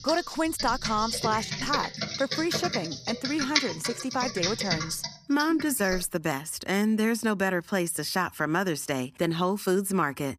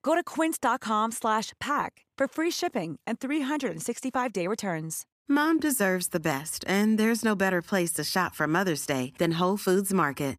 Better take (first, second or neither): second